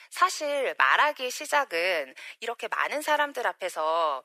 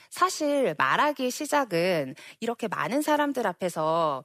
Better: second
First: thin; very; fading below 450 Hz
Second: none

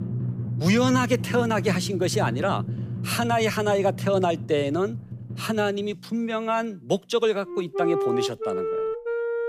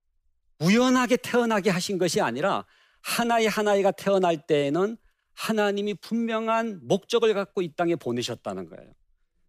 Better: second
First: background music; loud; throughout; 5 dB below the speech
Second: none

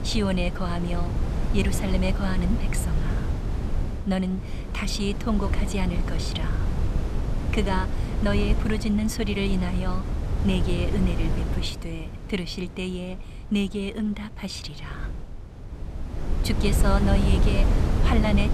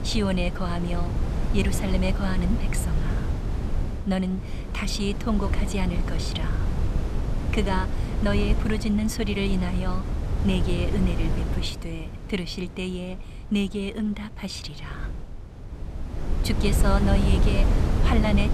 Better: neither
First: wind noise on the microphone; heavy; 6 dB below the speech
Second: wind noise on the microphone; heavy; 6 dB below the speech

